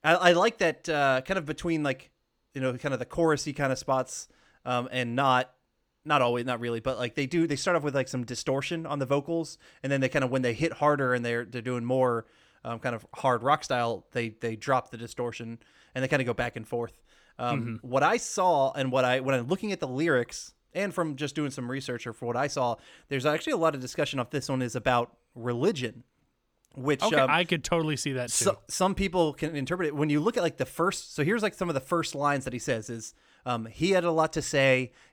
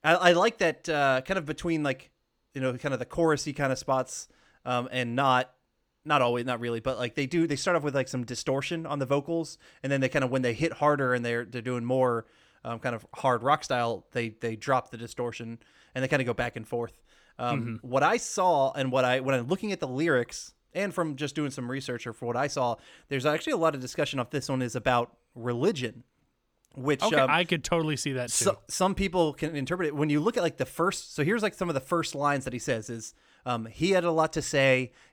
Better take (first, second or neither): neither